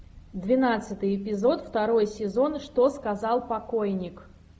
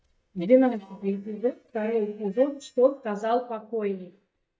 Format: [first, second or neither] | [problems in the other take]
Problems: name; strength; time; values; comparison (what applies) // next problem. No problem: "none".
first | noise reduction (neural mask model DeepFilterNet 3)